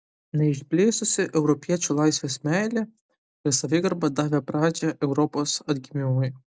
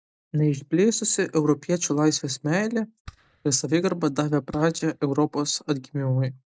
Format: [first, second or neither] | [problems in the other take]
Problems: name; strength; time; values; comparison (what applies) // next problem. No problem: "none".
first | noise reduction (neural mask model DeepFilterNet 3)